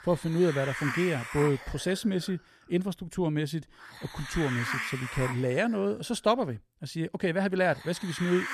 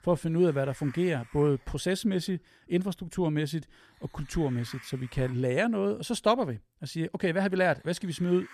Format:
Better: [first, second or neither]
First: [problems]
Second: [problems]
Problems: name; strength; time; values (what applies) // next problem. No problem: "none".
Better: second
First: hiss; loud; throughout; 7 dB below the speech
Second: hiss; faint; throughout; 25 dB below the speech